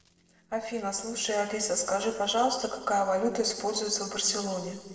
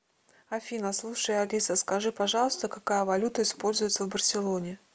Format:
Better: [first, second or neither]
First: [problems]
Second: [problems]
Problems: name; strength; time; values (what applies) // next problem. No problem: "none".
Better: second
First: noise reduction (neural separator model SepFormer DNS4)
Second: none